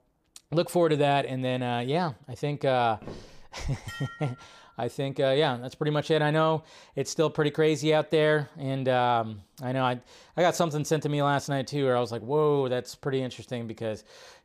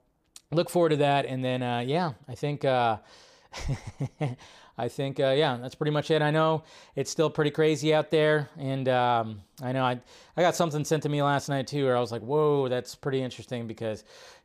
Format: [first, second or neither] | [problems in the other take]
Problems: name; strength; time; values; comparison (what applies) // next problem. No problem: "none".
second | footsteps; faint; at 3 s; peak 15 dB below the speech // clattering dishes; faint; at 4 s; peak 15 dB below the speech